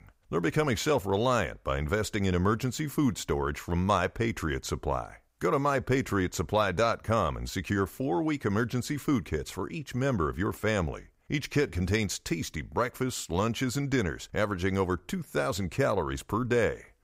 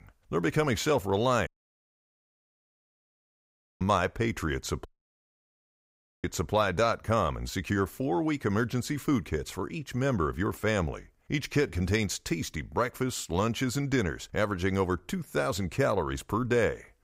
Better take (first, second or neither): first